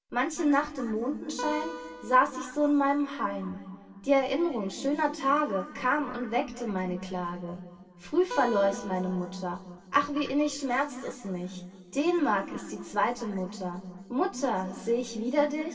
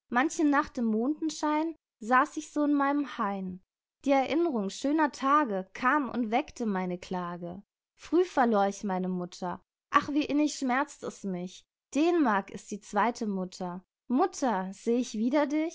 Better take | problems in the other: second | background sound (Acoustic guitar); 12 dB below the speech // room echo; dies away in 2.4 s

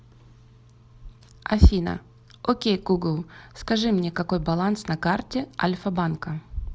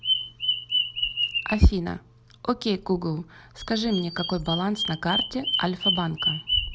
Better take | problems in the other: first | background sound (Bird vocalization, bird call, bird song); 3 dB below the speech

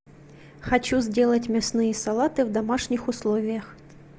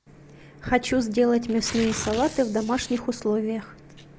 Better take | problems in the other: first | background sound (Tearing); 16 dB below the speech

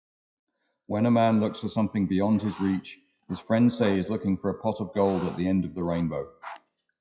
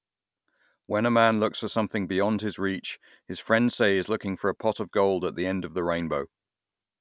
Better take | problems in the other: second | noise reduction (classical method WPE with log-MMSE)

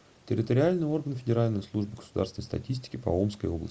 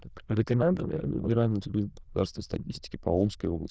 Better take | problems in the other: first | noise reduction (neural diffusion model UNIVERSE++)

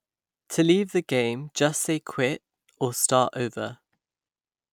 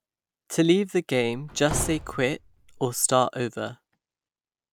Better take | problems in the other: first | background sound (Slam / Wood); 11 dB below the speech

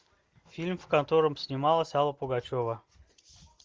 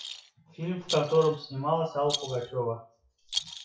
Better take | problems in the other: first | noise reduction (classical method WPE with log-MMSE)

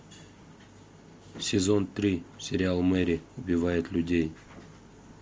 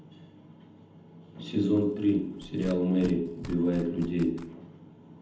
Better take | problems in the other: first | background sound (Tearing); 17 dB below the speech // room echo; dies away in 0.8 s

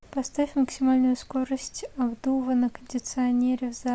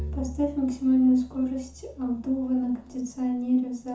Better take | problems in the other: first | background sound (Bowed string instrument); 15 dB below the speech // room echo; dies away in 0.5 s

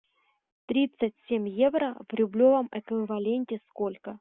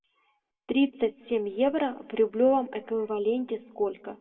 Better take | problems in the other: first | room echo; dies away in 1 s

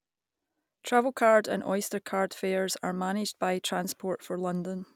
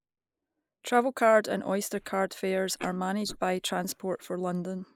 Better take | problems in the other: first | noise reduction (neural mask model Resemble Enhance denoiser)

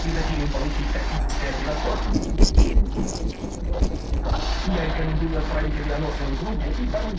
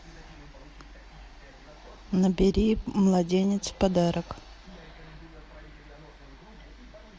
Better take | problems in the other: second | noise reduction (neural separator model SepFormer DNS4)

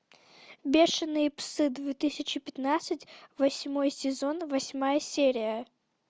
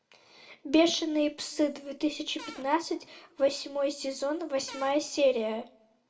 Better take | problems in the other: first | background sound (Cupboard open or close / Door); 16 dB below the speech // room echo; dies away in 0.4 s

